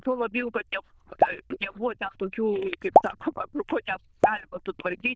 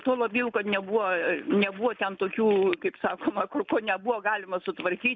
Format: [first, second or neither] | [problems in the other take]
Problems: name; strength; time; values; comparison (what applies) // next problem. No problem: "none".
second | noise reduction (neural diffusion model UNIVERSE++)